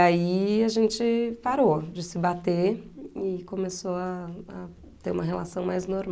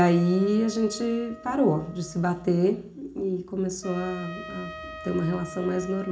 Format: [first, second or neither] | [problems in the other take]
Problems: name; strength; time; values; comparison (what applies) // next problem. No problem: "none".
first | background sound (Trumpet); 17 dB below the speech // room echo; dies away in 0.4 s